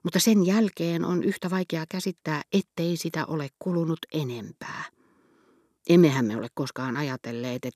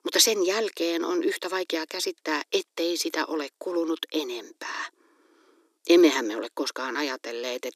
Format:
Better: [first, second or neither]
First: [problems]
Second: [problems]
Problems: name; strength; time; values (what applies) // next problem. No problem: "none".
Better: first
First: none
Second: thin; very; fading below 300 Hz